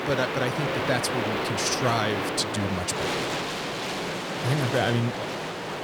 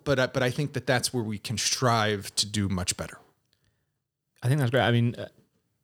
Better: second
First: wind noise on the microphone; heavy; 1 dB above the speech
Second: none

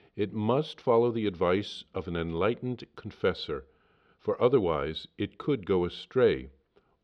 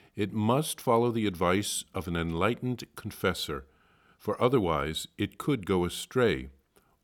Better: second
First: muffled; slightly; fading above 4 kHz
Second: none

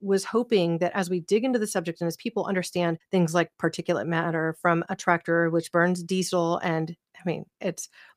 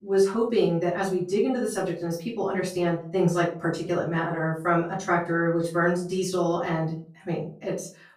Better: first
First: none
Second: off-mic speech; far // room echo; slight; dies away in 0.4 s

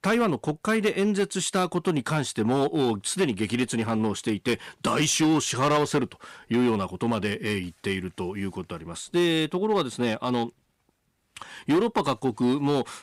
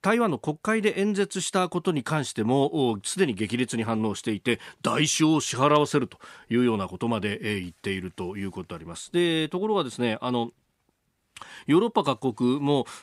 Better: second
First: distortion; slight; 6% of the sound clipped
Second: none

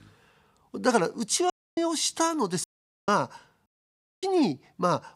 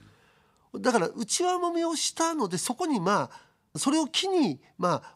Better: second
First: audio cutting out; at 1.5 s, at 2.5 s and at 3.5 s for 0.5 s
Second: none

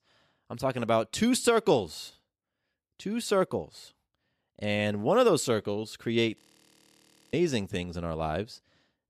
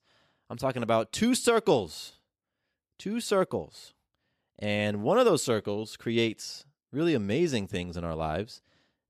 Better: second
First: audio freezing; at 6.5 s for 1 s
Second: none

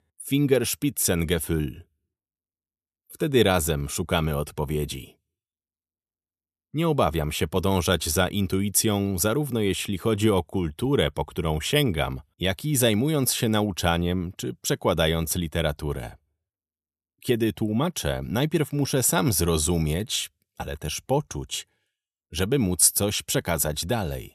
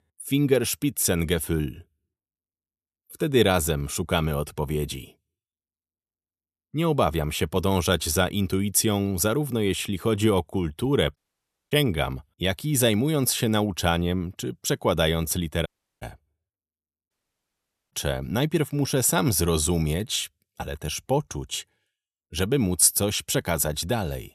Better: first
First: none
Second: audio cutting out; at 11 s for 0.5 s, at 16 s and at 17 s for 1 s

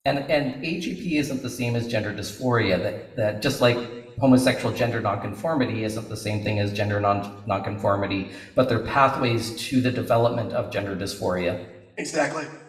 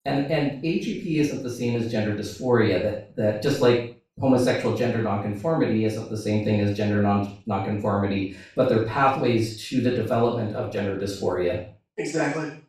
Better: first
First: room echo; slight; dies away in 0.9 s // off-mic speech; somewhat distant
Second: room echo; strong; dies away in 0.4 s // off-mic speech; far

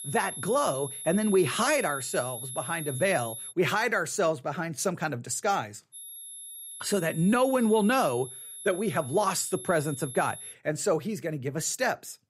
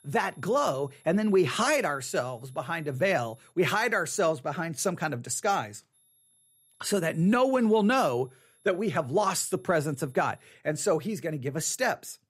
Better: second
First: high-pitched whine; loud; until 3.5 s and from 6 to 11 s; 11 kHz, 10 dB below the speech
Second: high-pitched whine; faint; until 3.5 s and from 6 to 11 s; 11 kHz, 30 dB below the speech

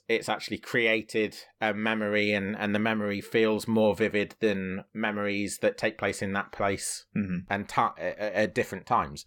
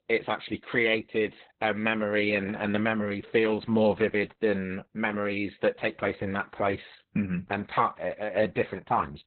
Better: first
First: none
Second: garbled, watery; badly; nothing above 4 kHz

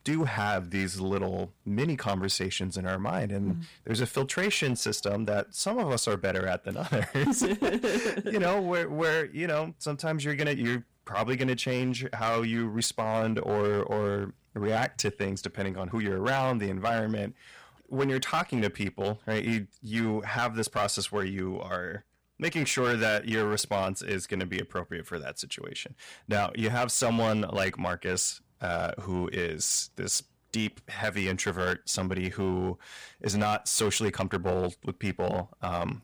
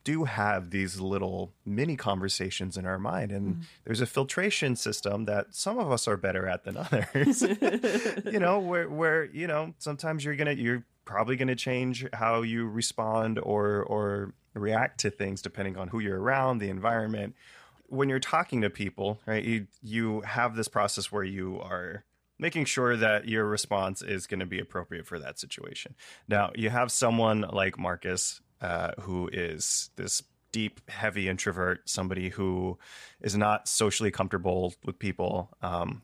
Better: second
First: distortion; slight; 7% of the sound clipped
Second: none

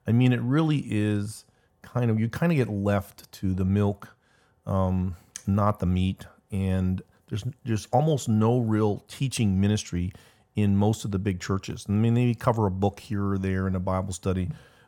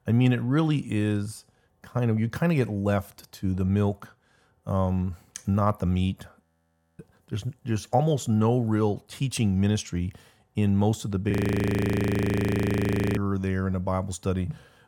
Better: first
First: none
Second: audio freezing; at 6.5 s for 0.5 s and at 11 s for 2 s

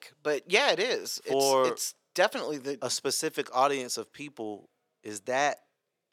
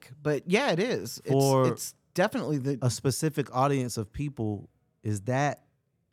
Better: second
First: thin; somewhat; fading below 500 Hz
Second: none

